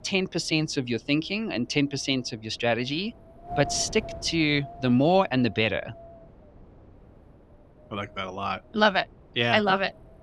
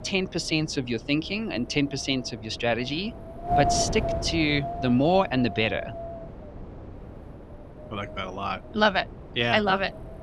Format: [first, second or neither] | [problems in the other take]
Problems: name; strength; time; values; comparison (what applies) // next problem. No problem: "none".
first | wind noise on the microphone; heavy; 5 dB below the speech; occasional gusts in the first